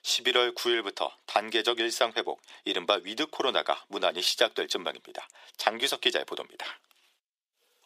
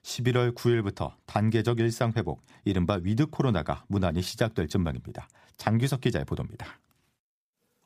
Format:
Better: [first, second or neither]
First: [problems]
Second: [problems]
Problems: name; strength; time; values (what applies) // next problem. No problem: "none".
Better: second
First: thin; very; fading below 400 Hz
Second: none